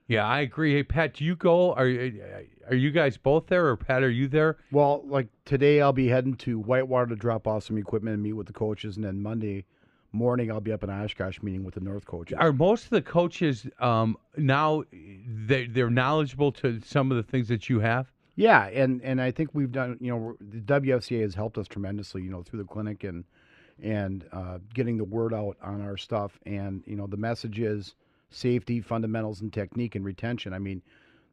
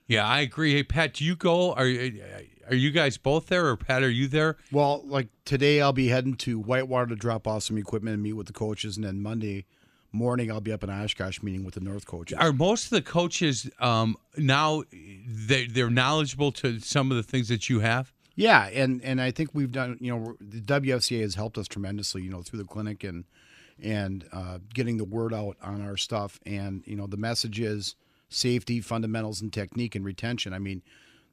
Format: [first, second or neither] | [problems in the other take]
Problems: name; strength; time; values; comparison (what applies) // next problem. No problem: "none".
second | muffled; very; fading above 3.5 kHz